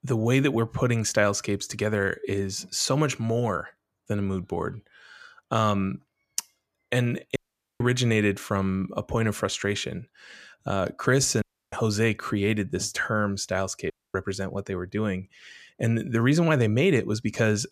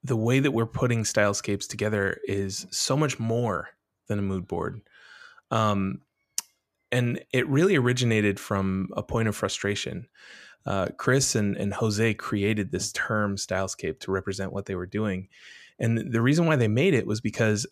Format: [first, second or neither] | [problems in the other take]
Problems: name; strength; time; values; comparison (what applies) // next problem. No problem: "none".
second | audio cutting out; at 7.5 s, at 11 s and at 14 s